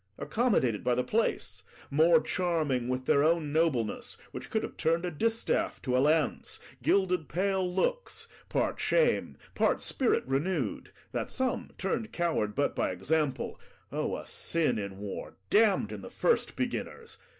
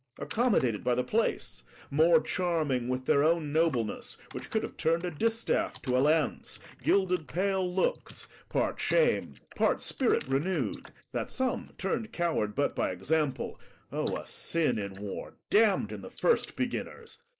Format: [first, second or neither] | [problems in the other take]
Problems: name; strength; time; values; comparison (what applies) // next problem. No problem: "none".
first | noise reduction (neural mask model Resemble Enhance denoiser)